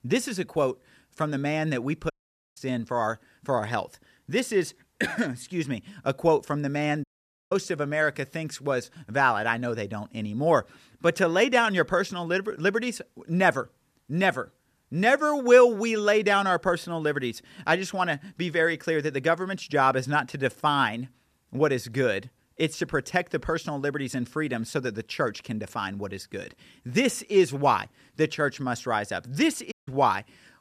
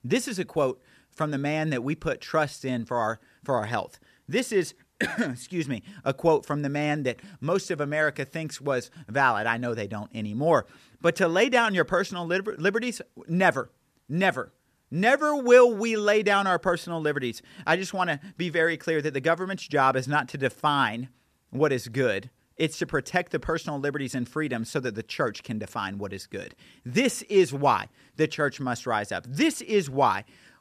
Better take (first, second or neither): second